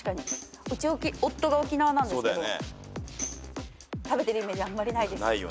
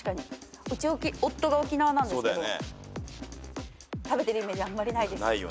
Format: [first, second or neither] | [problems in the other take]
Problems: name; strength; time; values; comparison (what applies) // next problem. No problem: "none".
second | background sound (Tambourine); 14 dB below the speech